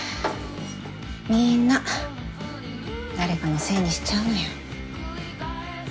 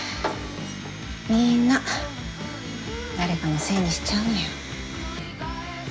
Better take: first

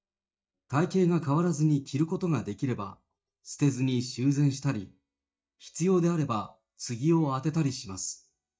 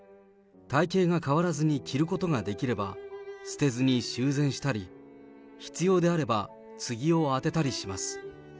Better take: second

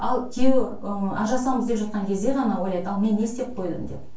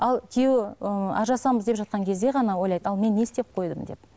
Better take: second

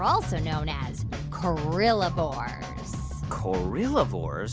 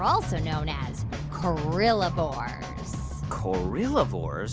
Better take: first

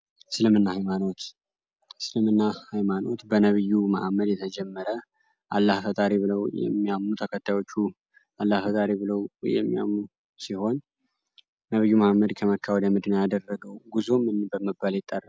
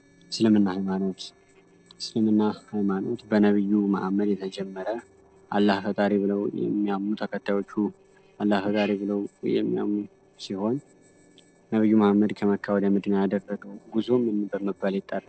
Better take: first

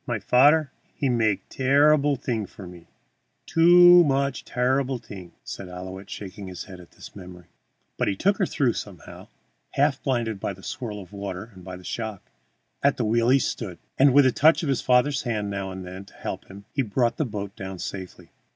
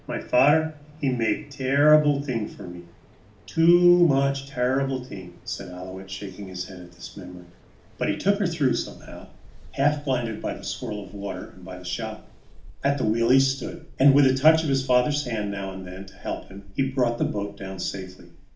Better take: first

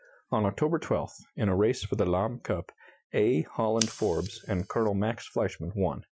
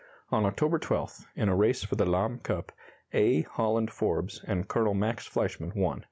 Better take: second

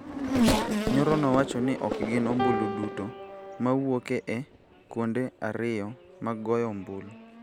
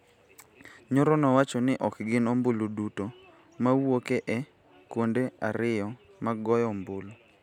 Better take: second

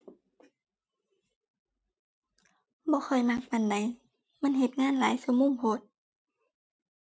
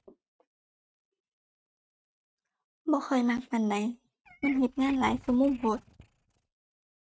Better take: first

